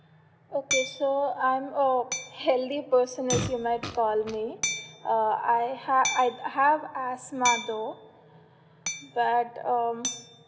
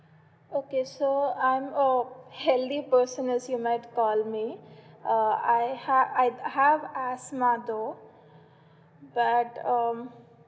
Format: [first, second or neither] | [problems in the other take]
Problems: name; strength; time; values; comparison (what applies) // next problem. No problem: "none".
second | background sound (Hammer + Fart); 9 dB below the speech